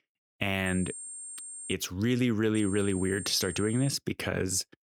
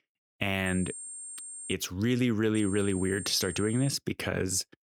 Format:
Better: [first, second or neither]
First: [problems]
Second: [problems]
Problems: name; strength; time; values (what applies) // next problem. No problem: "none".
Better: neither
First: high-pitched whine; noticeable; from 0.5 to 1.5 s and from 2.5 to 4 s; 8.5 kHz, 10 dB below the speech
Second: high-pitched whine; noticeable; from 0.5 to 1.5 s and from 2.5 to 4 s; 8.5 kHz, 10 dB below the speech